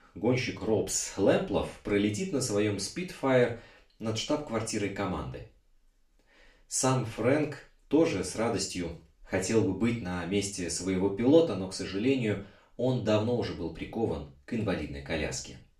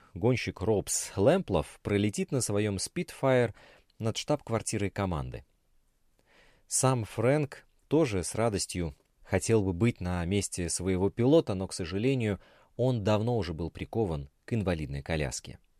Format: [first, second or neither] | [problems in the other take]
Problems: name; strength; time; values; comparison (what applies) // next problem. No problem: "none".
second | room echo; slight; dies away in 0.3 s // off-mic speech; far